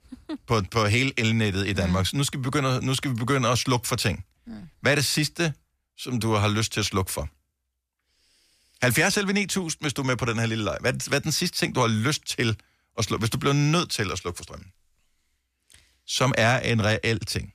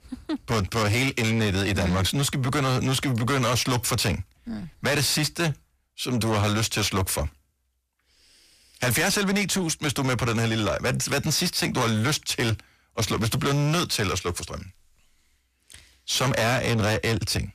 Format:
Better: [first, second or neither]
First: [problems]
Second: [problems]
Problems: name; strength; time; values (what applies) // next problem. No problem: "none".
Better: first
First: none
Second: distortion; heavy; 7 dB below the speech